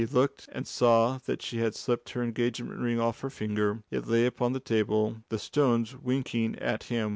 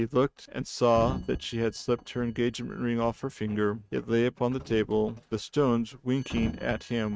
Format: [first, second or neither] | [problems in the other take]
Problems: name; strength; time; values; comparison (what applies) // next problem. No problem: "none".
first | noise reduction (neural mask model RNNoise)